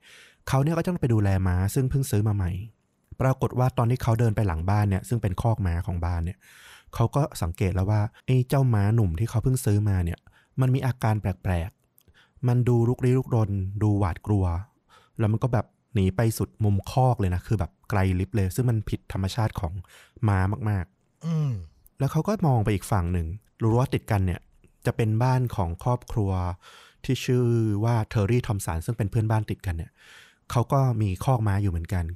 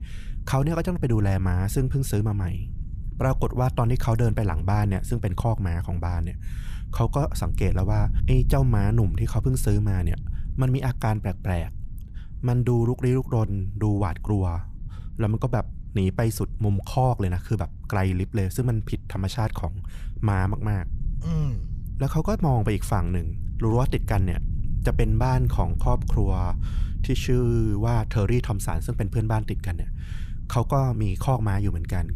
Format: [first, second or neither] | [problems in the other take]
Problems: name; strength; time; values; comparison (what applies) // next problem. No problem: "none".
first | low rumble; noticeable; throughout; 20 dB below the speech